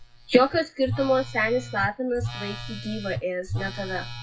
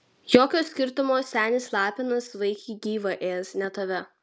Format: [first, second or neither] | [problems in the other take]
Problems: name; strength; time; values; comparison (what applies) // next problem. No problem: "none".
second | noise reduction (classical method WPE with log-MMSE)